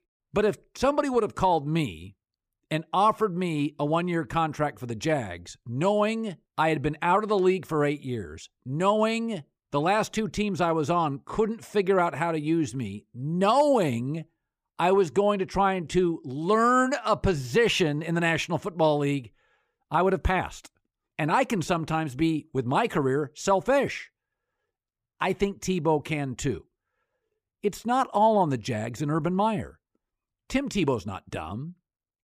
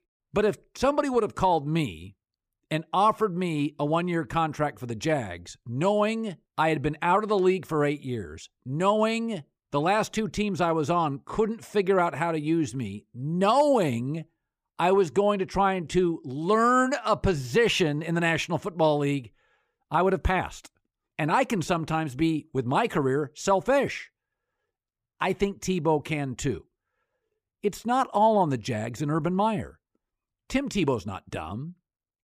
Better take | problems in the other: neither | none

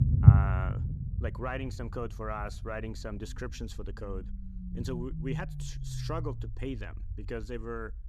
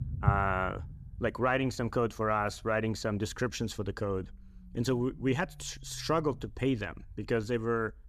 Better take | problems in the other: second | low rumble; loud; throughout; 2 dB below the speech; faint in the second

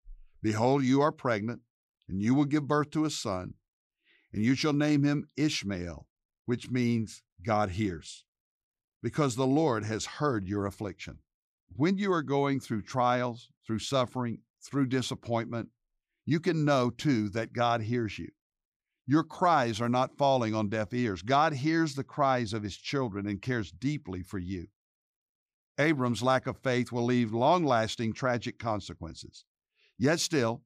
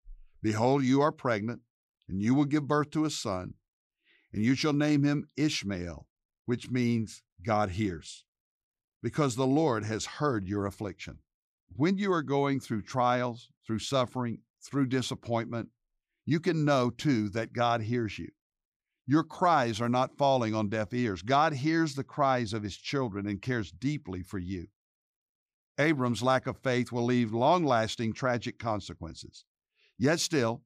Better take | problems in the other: neither | none

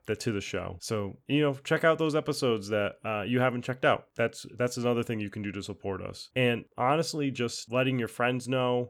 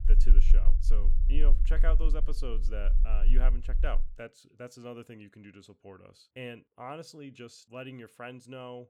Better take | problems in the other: first | low rumble; noticeable; until 4 s; 10 dB below the speech

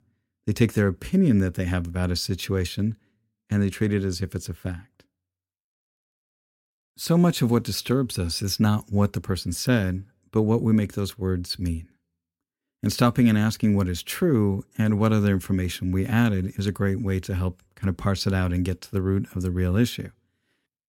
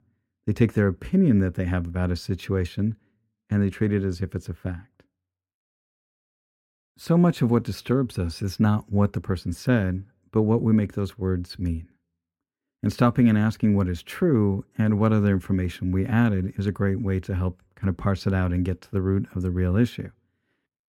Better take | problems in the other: first | muffled; slightly; fading above 3 kHz

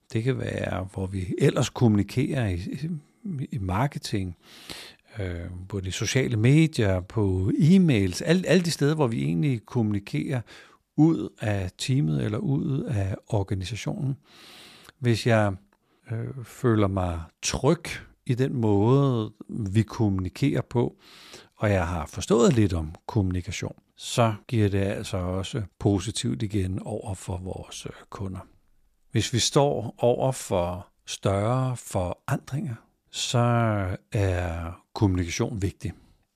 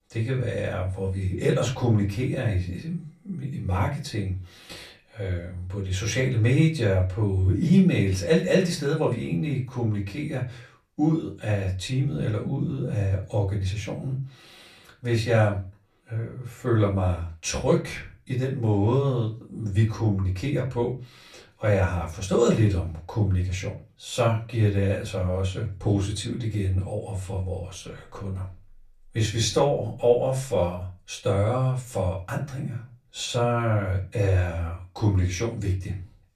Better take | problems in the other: first | off-mic speech; far // room echo; very slight; dies away in 0.3 s

